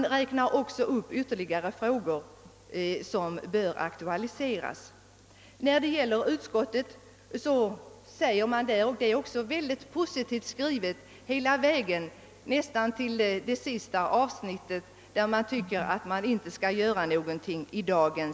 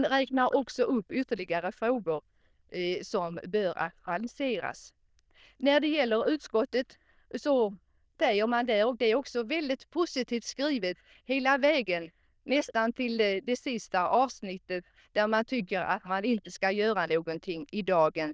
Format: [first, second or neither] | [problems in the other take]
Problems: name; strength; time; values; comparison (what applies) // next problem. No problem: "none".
first | noise reduction (neural diffusion model UNIVERSE++)